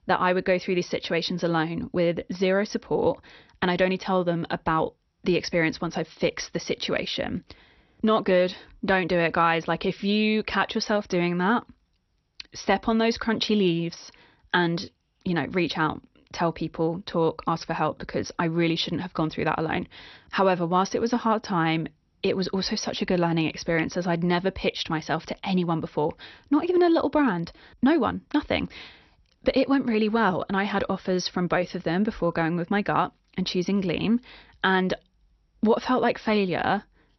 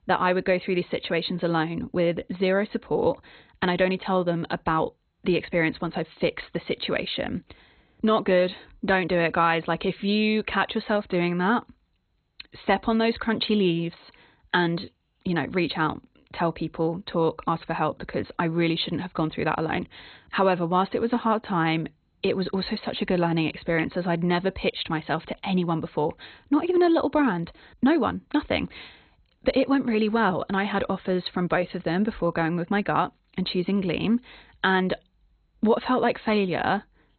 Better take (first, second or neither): first